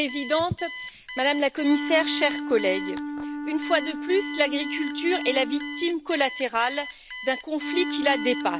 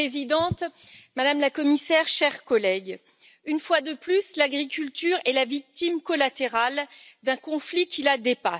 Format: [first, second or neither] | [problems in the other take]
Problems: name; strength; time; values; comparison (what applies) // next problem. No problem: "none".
second | background sound (Alarm + Wind instrument, woodwind instrument); 6 dB below the speech